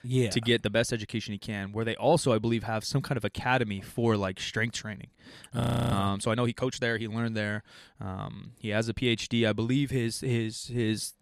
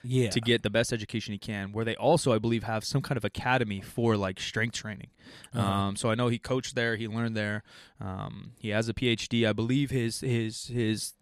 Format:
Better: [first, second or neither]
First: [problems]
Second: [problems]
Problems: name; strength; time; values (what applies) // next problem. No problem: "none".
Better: second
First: audio freezing; at 5.5 s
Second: none